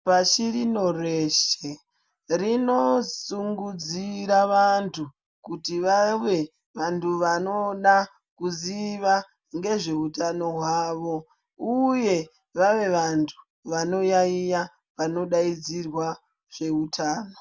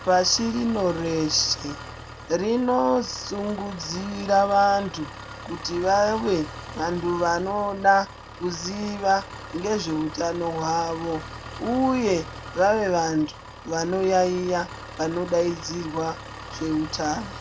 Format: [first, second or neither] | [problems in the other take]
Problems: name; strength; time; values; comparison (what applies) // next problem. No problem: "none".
first | background sound (Engine); 14 dB below the speech